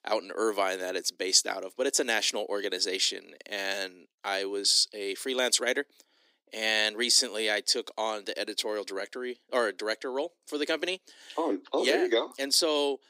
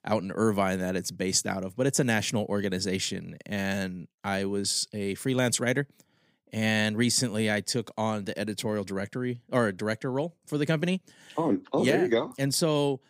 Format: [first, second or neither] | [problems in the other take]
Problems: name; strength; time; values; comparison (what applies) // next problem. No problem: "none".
second | thin; somewhat; fading below 300 Hz